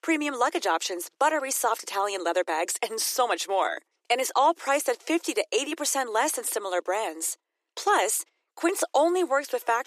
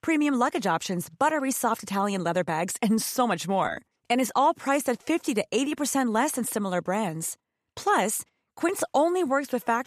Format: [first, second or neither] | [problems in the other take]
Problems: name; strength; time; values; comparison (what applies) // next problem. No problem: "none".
second | thin; somewhat; fading below 300 Hz